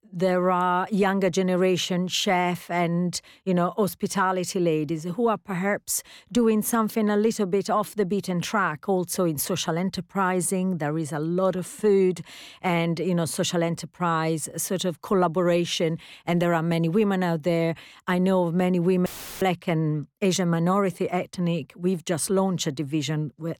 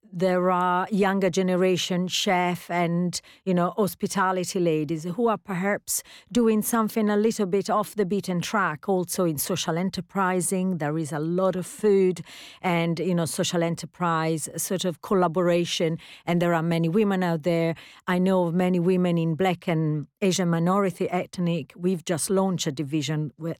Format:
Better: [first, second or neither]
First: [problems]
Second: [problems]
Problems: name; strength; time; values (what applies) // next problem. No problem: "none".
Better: second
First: audio cutting out; filled with static; at 19 s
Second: none